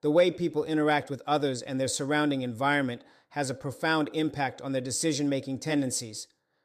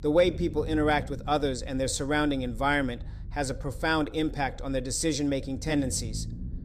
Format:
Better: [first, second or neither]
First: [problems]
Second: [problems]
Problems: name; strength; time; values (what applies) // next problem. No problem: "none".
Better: first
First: none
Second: low rumble; faint; throughout; 25 dB below the speech